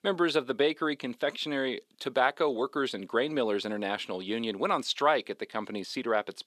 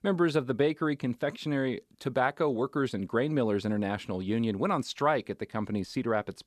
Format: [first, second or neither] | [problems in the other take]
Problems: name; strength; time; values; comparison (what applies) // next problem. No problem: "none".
second | thin; very slightly; fading below 350 Hz